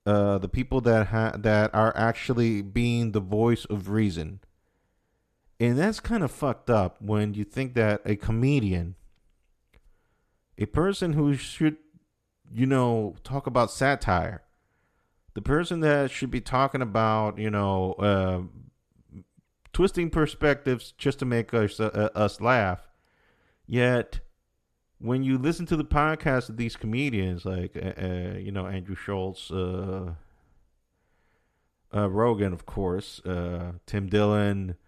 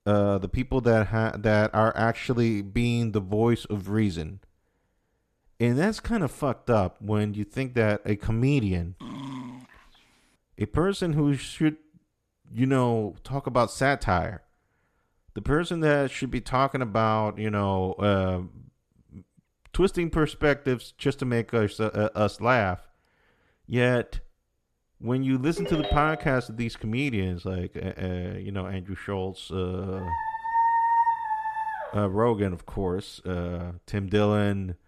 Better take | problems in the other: first | dog barking; faint; at 9 s; peak 10 dB below the speech // phone ringing; noticeable; at 26 s; peak 5 dB below the speech // dog barking; loud; from 30 to 32 s; peak 4 dB above the speech

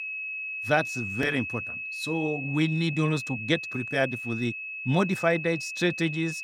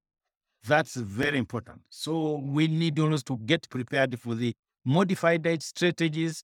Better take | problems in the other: second | high-pitched whine; loud; throughout; 2.5 kHz, 5 dB below the speech

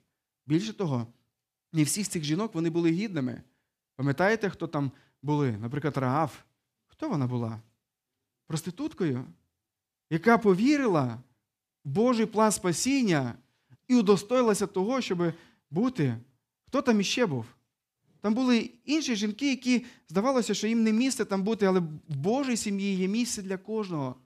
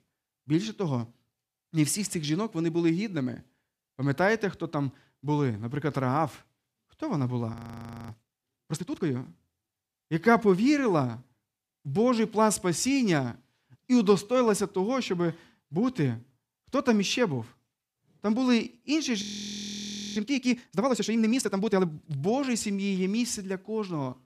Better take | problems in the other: first | audio freezing; at 7.5 s for 0.5 s and at 19 s for 1 s

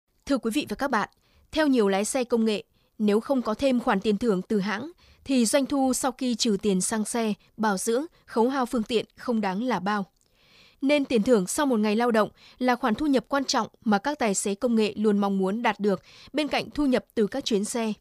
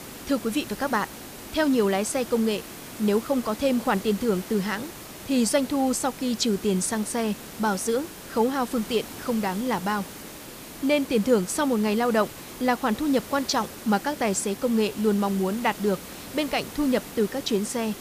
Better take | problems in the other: first | hiss; noticeable; throughout; 15 dB below the speech

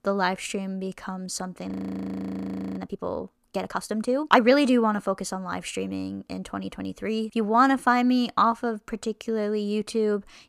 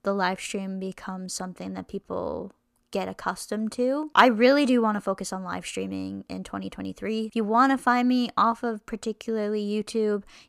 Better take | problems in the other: second | audio freezing; at 1.5 s for 1 s

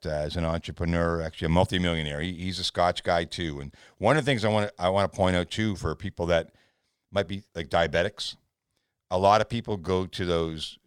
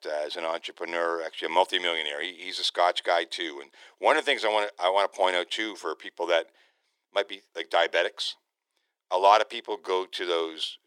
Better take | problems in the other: first | thin; very; fading below 350 Hz

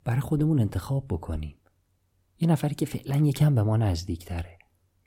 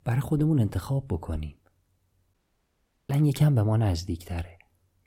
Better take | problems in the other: first | audio cutting out; at 2.5 s for 1 s

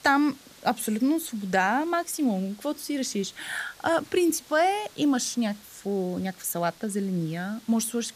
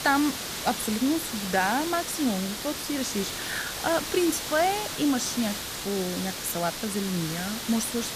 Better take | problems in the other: first | hiss; loud; throughout; 4 dB below the speech; faint in the first

